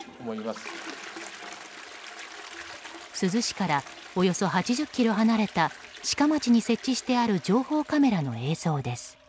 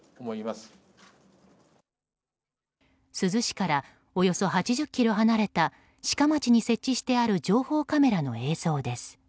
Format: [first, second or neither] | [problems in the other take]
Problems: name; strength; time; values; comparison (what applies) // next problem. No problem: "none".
second | background sound (Toilet flush); 17 dB below the speech